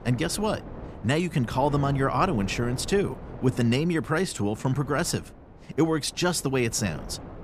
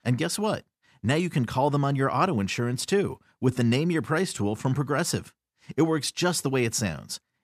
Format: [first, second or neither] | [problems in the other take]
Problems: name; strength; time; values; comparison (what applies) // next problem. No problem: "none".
second | wind noise on the microphone; occasional gusts; 15 dB below the speech